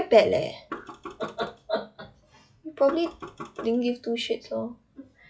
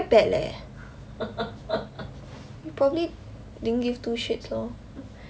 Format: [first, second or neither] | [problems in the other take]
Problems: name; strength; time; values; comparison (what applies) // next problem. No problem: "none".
second | noise reduction (classical method log-MMSE)